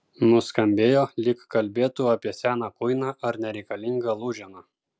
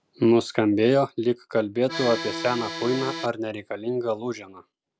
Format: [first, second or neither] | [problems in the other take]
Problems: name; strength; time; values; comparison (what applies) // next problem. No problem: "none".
first | background sound (Accordion); 7 dB below the speech